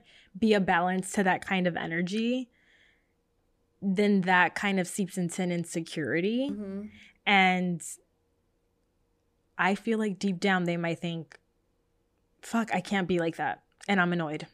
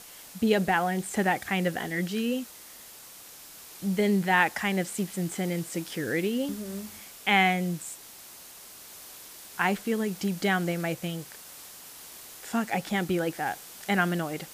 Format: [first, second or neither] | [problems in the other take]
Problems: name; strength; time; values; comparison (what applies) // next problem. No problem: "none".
first | hiss; noticeable; throughout; 15 dB below the speech